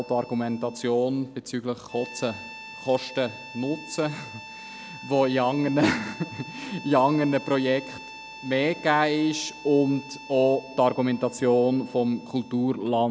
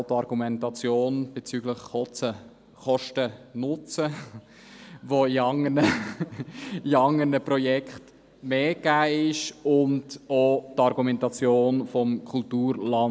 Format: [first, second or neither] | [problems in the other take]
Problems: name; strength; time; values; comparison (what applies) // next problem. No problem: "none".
second | background sound (Harmonica); 17 dB below the speech